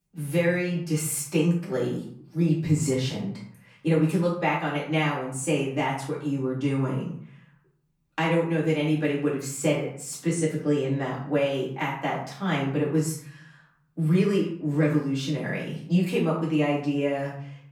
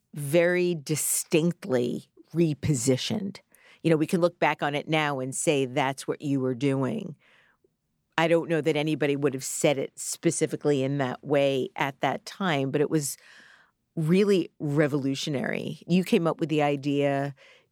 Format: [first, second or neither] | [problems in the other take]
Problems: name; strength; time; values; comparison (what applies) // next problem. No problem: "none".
second | off-mic speech; far // room echo; noticeable; dies away in 0.5 s